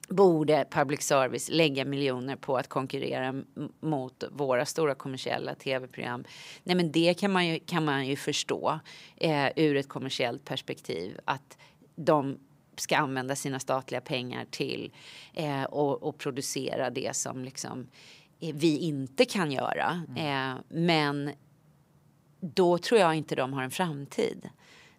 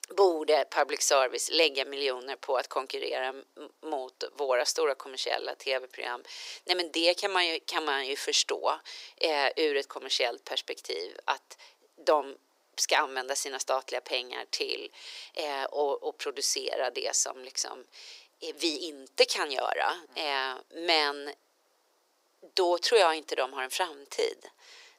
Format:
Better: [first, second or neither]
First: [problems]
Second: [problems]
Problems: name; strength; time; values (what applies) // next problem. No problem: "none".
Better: first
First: none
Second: thin; very; fading below 400 Hz